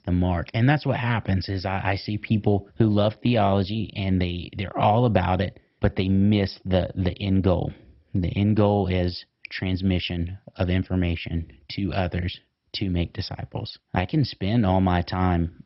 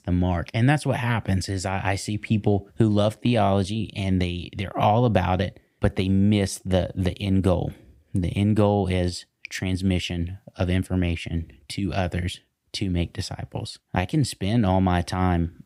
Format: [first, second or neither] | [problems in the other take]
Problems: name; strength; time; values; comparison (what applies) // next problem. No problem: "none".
second | garbled, watery; badly; nothing above 5.5 kHz